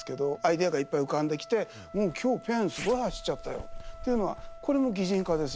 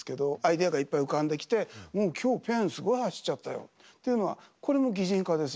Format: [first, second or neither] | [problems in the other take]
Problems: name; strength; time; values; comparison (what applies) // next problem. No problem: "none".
second | background sound (Trumpet + Zipper (clothing)); 14 dB below the speech